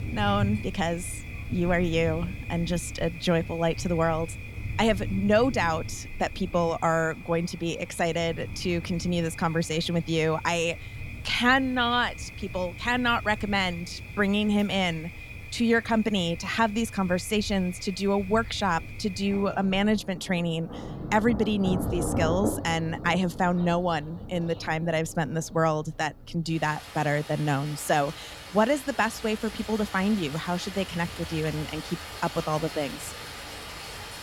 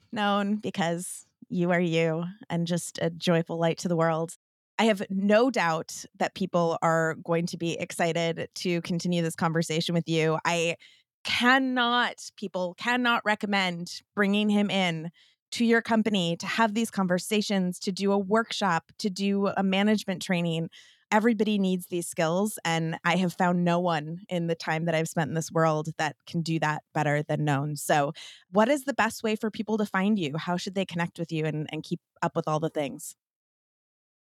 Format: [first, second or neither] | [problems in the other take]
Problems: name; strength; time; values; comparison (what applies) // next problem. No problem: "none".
second | rain or running water; noticeable; throughout; 10 dB below the speech